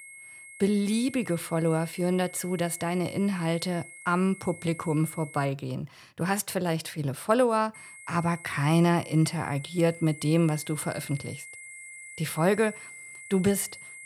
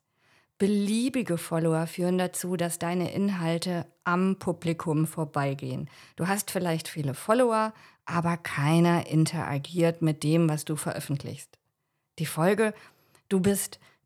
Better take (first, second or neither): second